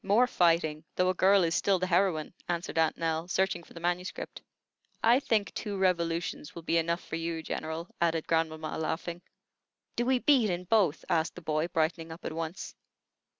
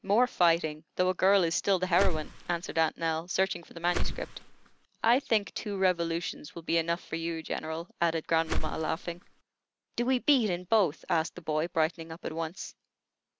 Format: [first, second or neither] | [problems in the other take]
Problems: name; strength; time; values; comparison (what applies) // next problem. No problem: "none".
first | background sound (Whoosh, swoosh, swish); 1 dB above the speech